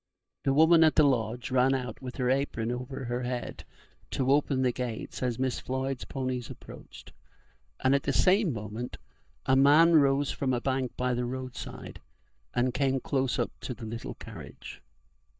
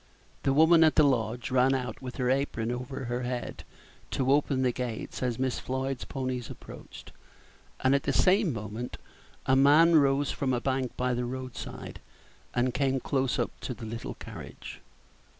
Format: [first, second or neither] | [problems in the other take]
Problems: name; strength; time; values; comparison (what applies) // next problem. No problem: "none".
second | noise reduction (neural mask model DeepFilterNet 3)